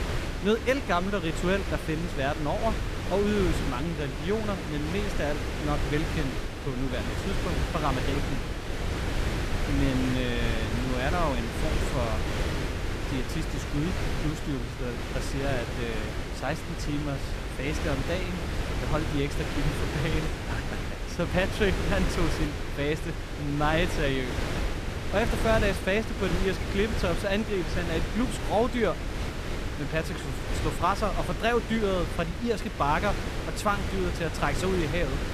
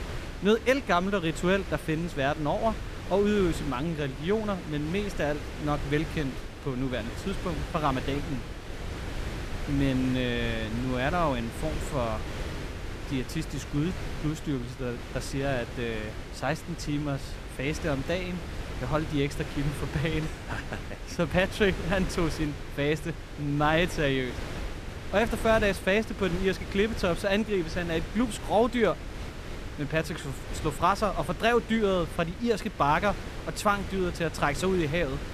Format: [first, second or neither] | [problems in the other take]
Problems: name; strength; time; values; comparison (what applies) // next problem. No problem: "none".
second | wind noise on the microphone; heavy; 4 dB below the speech; occasional gusts in the second